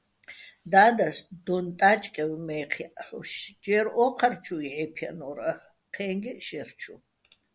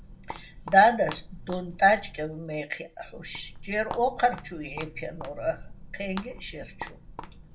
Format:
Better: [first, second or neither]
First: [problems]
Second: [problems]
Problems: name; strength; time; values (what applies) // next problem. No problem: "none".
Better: first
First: none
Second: background sound (Walk, footsteps); 14 dB below the speech // room echo; dies away in 0.2 s